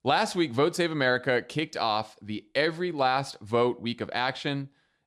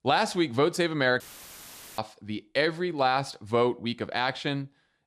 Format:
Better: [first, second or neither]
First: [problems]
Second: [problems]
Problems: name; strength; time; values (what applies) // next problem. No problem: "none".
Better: first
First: none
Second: audio cutting out; filled with static; at 1 s for 1 s